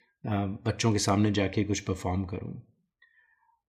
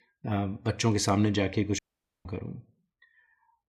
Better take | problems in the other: first | audio cutting out; at 2 s

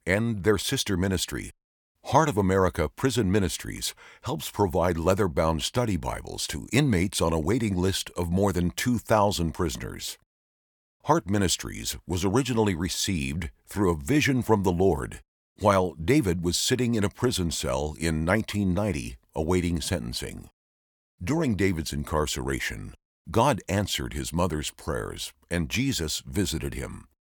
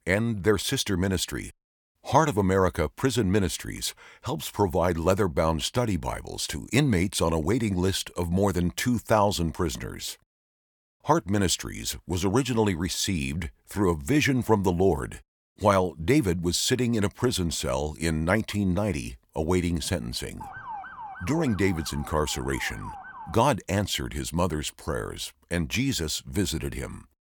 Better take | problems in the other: first | siren; faint; from 20 to 23 s; peak 10 dB below the speech

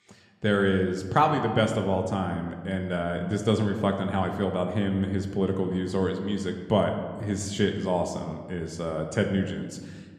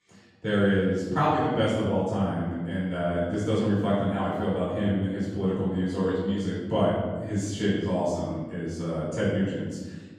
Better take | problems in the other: first | room echo; strong; dies away in 1.2 s; slight in the first // off-mic speech; far

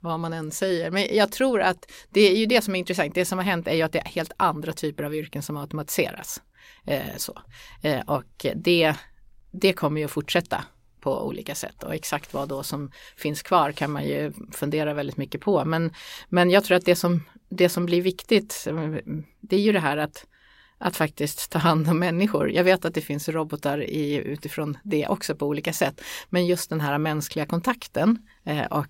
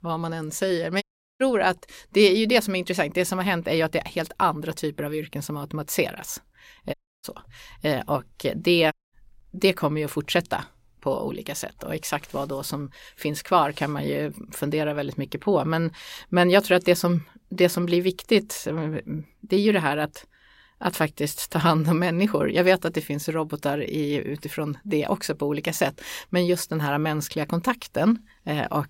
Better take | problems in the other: first | audio cutting out; at 1 s, at 7 s and at 9 s

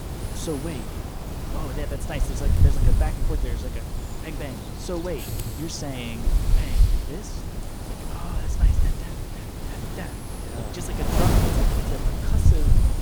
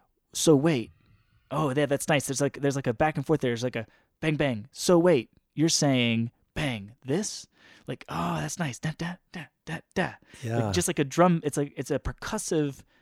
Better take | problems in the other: second | wind noise on the microphone; heavy; 1 dB above the speech

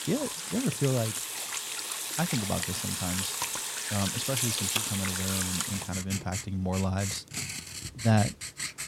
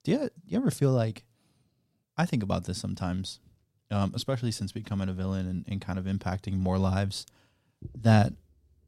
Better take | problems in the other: second | household noises; very loud; throughout; as loud as the speech

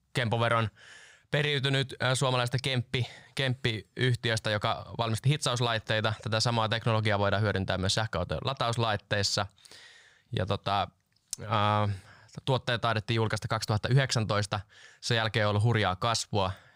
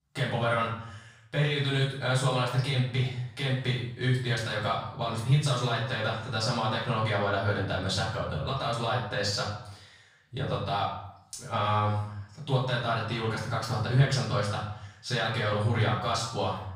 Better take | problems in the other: first | off-mic speech; far // room echo; noticeable; dies away in 0.6 s

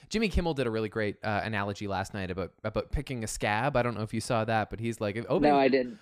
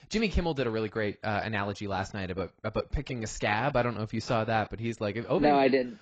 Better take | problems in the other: first | garbled, watery; badly; nothing above 7.5 kHz

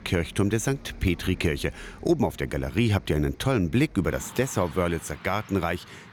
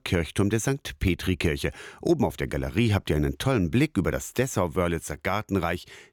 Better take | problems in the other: second | traffic noise; noticeable; throughout; 20 dB below the speech

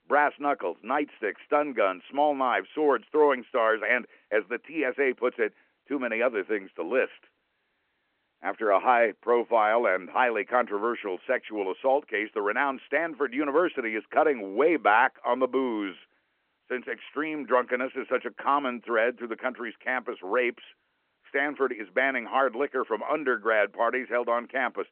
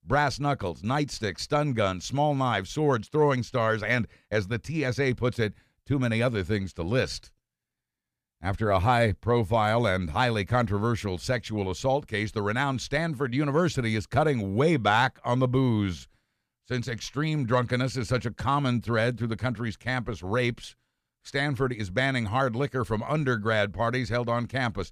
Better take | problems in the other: second | phone-call audio

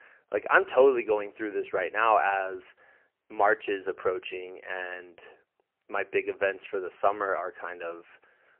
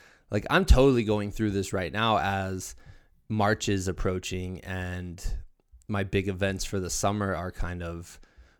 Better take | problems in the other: second | phone-call audio; poor line; nothing above 3 kHz

